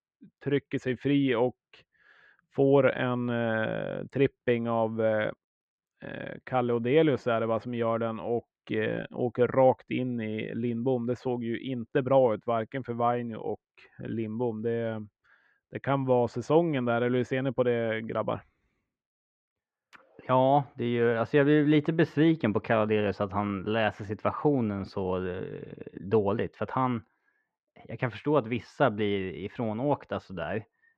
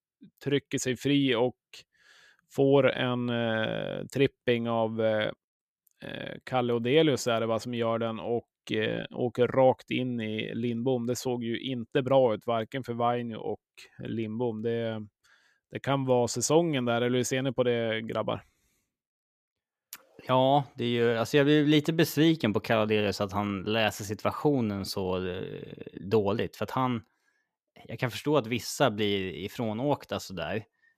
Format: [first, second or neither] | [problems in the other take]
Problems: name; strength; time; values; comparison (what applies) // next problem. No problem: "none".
second | muffled; very; fading above 2 kHz